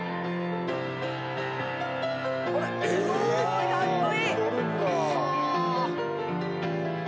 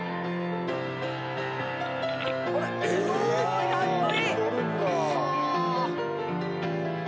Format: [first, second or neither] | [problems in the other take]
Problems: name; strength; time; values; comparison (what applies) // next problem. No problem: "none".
first | background sound (Telephone); 17 dB below the speech